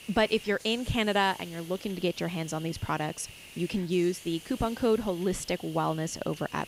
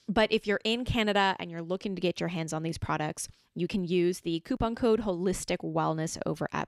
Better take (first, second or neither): second